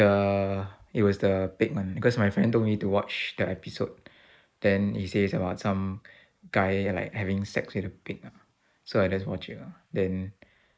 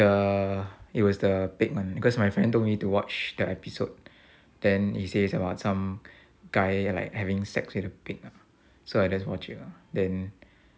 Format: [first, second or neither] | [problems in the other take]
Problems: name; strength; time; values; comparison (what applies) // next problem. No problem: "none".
second | noise reduction (neural mask model Resemble Enhance denoiser)